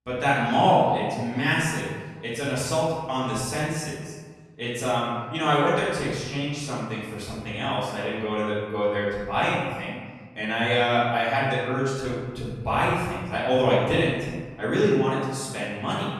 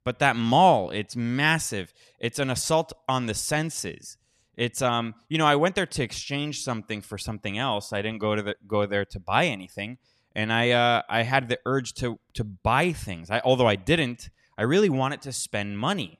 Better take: second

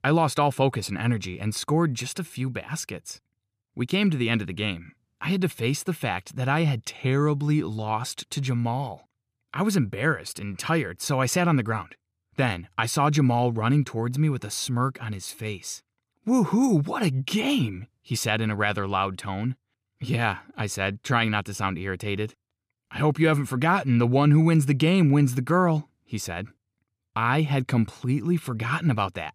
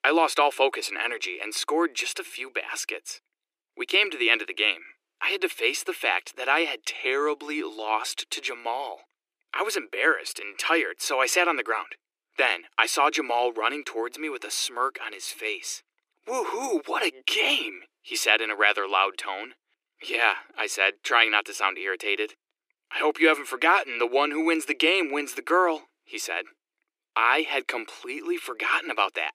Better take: first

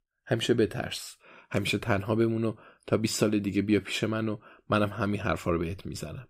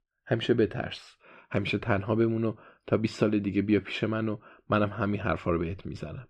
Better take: first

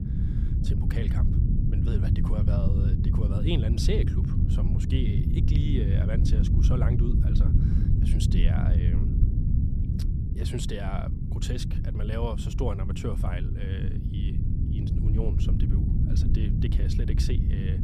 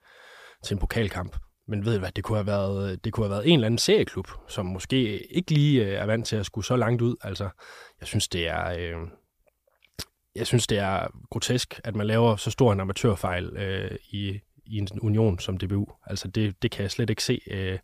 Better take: second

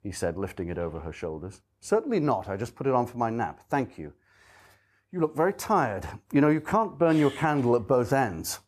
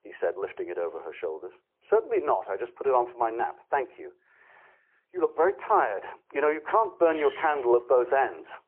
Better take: first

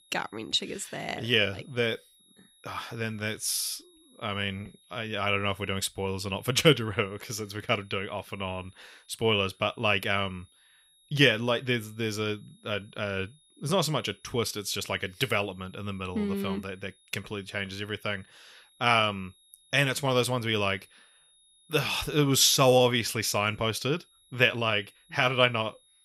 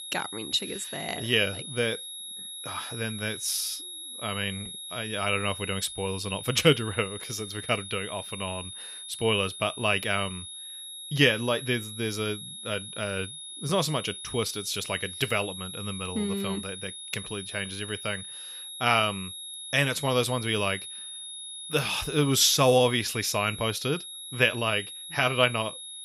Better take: first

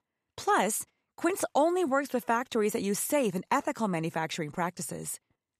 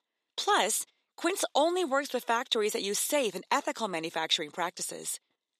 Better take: first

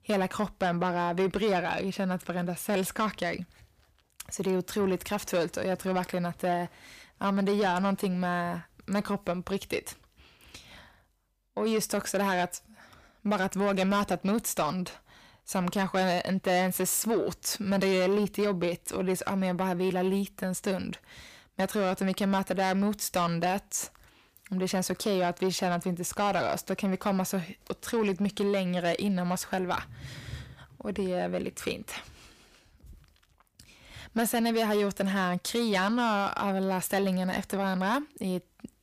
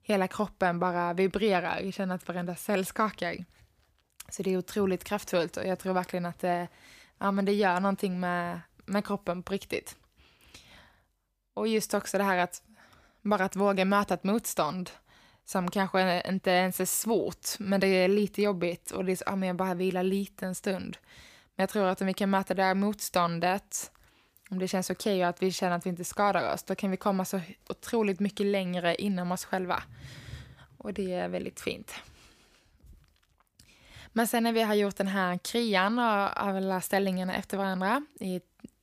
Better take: second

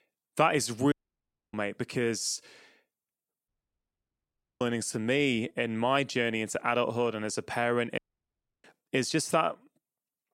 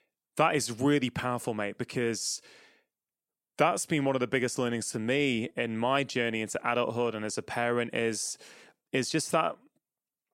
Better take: second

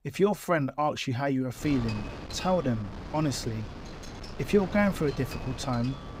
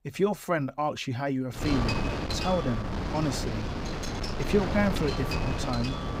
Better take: first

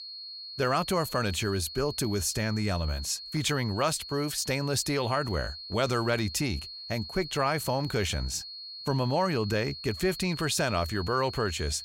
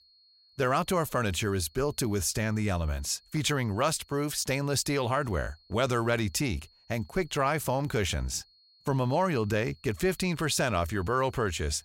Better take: second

